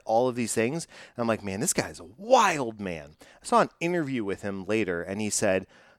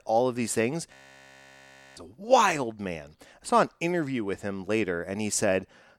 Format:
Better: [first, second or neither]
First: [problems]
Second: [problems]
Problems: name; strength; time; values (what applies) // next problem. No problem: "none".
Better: first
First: none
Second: audio freezing; at 1 s for 1 s